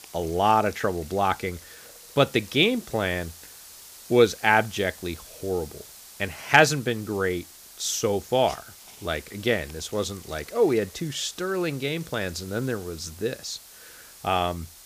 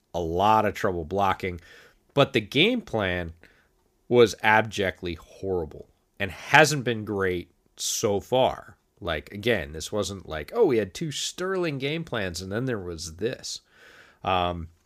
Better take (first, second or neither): second